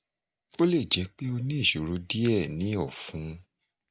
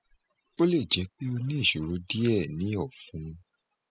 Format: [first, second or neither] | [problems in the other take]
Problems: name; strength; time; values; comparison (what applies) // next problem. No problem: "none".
first | noise reduction (classical method spectral subtraction)